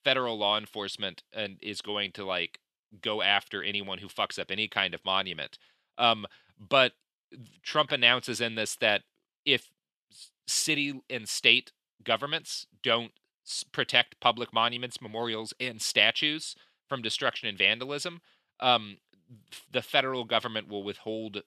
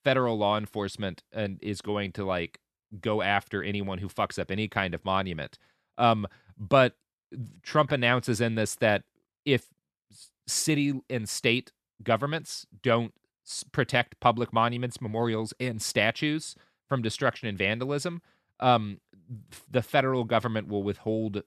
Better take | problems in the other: second | thin; very slightly; fading below 450 Hz

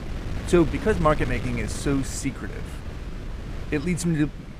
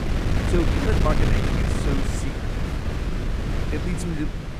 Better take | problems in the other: first | wind noise on the microphone; heavy; 1 dB above the speech; occasional gusts in the first

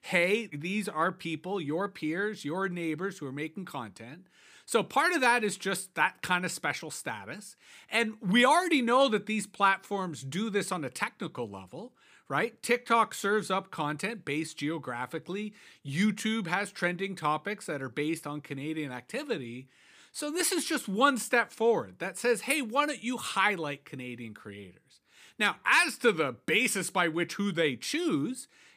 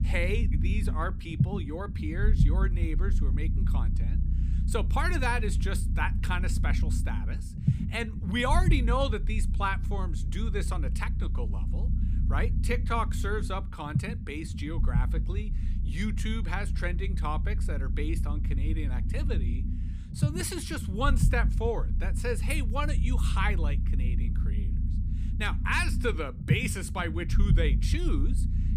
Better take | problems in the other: first | low rumble; noticeable; throughout; 10 dB below the speech

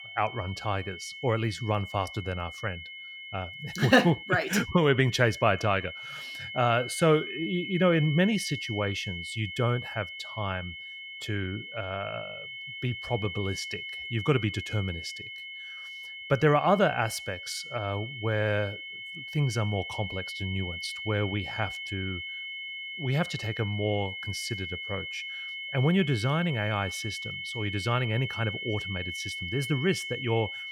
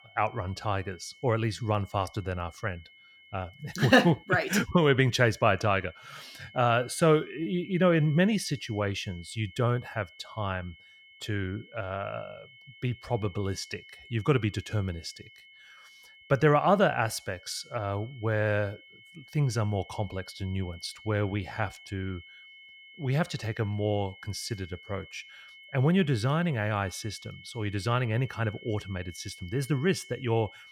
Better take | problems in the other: second | high-pitched whine; loud; throughout; 2 kHz, 7 dB below the speech; faint in the second

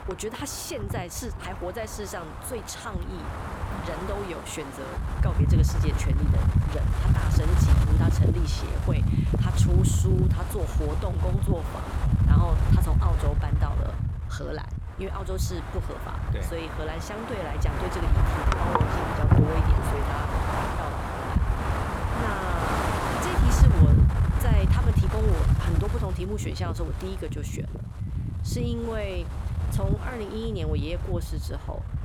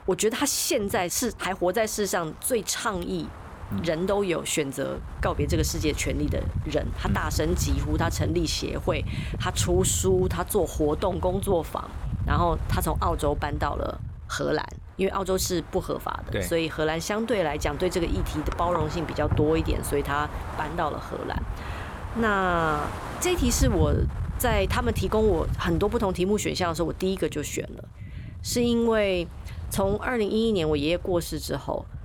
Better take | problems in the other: second | wind noise on the microphone; heavy; 3 dB above the speech; occasional gusts in the second

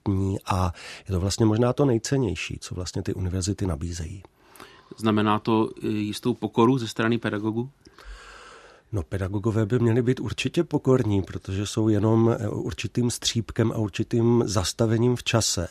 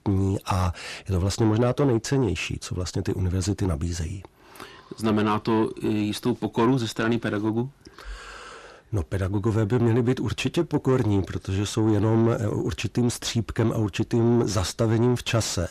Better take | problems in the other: first | distortion; slight; 10 dB below the speech

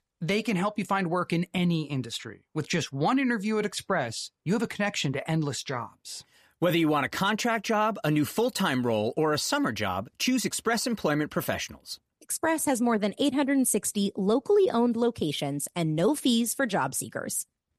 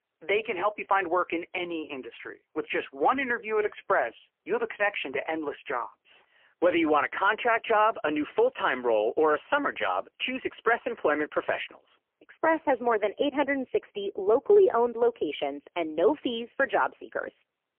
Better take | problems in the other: first | phone-call audio; poor line; nothing above 3 kHz

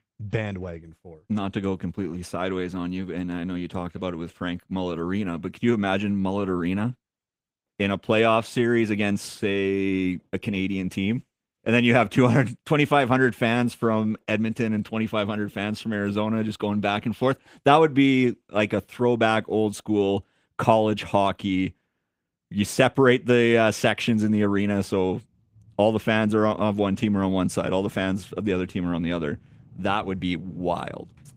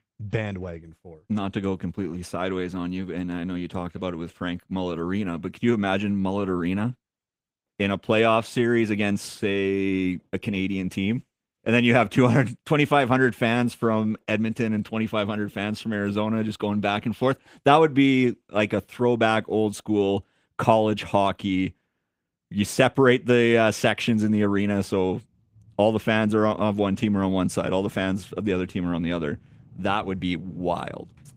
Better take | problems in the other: neither | garbled, watery; slightly; nothing above 15.5 kHz; the same in both

